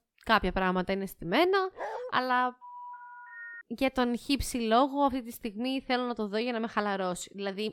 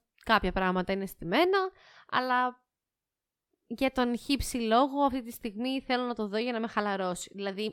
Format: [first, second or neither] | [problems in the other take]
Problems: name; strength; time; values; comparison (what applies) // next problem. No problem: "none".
second | dog barking; noticeable; at 2 s; peak 9 dB below the speech // phone ringing; faint; from 2.5 to 3.5 s; peak 15 dB below the speech